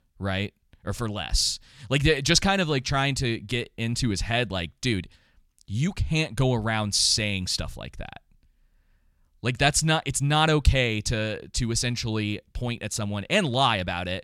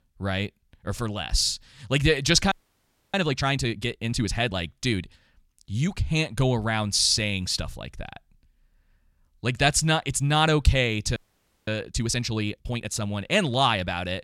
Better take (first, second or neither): first